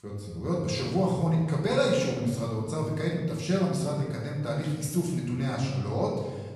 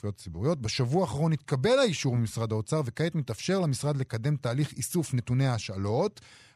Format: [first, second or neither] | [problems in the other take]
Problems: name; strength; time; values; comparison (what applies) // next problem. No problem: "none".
second | room echo; noticeable; dies away in 1.1 s // off-mic speech; far